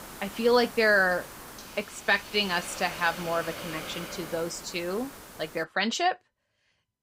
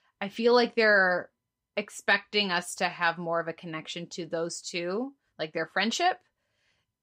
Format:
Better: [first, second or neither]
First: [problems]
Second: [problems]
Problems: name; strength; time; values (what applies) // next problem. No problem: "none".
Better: second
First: hiss; noticeable; until 5.5 s; 15 dB below the speech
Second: none